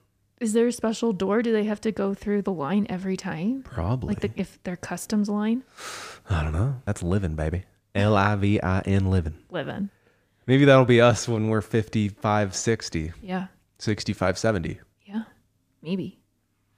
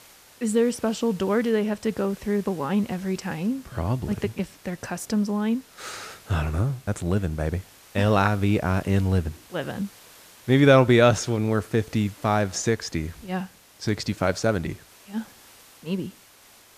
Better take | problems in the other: first | hiss; faint; throughout; 25 dB below the speech

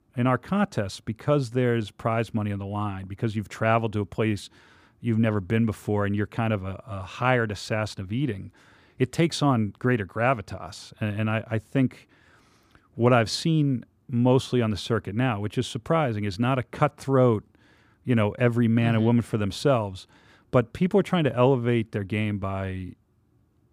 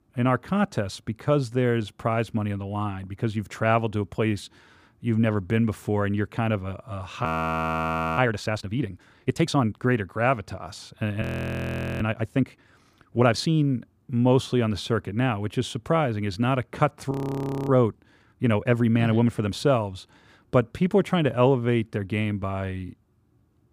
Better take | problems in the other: first | audio freezing; at 7.5 s for 1 s, at 11 s for 1 s and at 17 s for 0.5 s

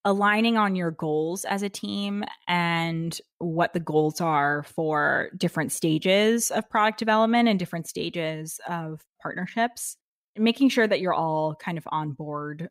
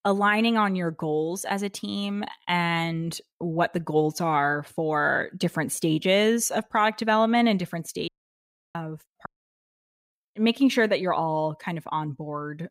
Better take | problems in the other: first | audio cutting out; at 8 s for 0.5 s and at 9.5 s for 1 s

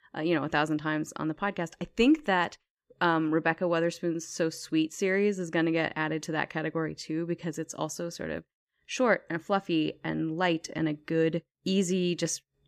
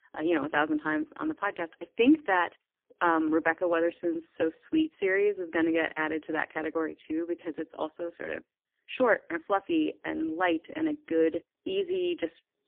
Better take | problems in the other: first | phone-call audio; poor line; nothing above 3 kHz

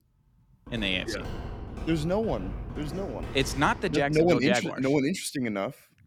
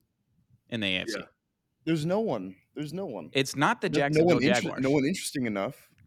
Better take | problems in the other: second | footsteps; noticeable; from 0.5 to 4.5 s; peak 9 dB below the speech

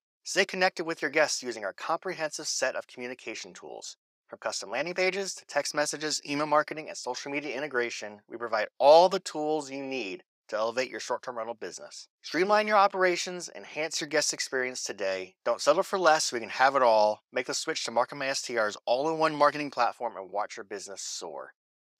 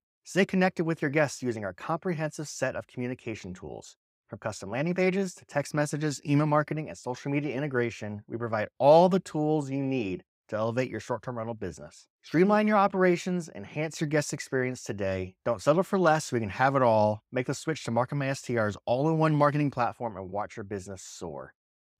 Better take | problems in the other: second | thin; somewhat; fading below 500 Hz

